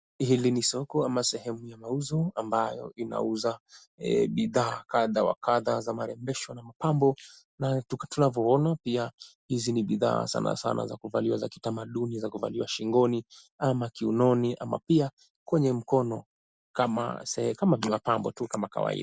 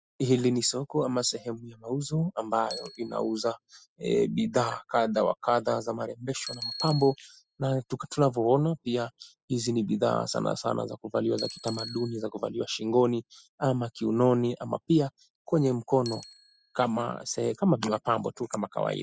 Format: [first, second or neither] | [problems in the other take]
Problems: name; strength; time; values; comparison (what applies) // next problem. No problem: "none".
first | noise reduction (classical method spectral subtraction)